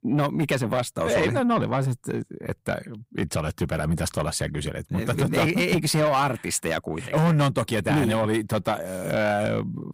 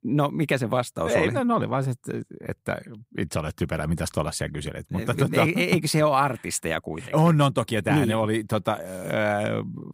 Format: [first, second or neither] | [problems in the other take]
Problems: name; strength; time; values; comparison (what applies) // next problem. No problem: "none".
second | distortion; slight; 10 dB below the speech